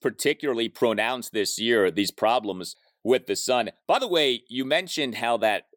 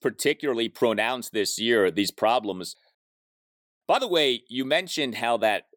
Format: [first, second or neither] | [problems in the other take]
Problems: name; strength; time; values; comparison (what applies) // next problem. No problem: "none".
first | audio cutting out; at 3 s for 1 s